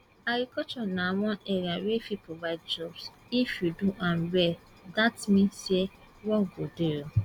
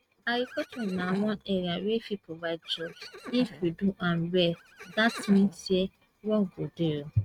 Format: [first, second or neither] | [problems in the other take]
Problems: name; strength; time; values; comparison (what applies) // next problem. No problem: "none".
first | noise reduction (neural mask model RNNoise)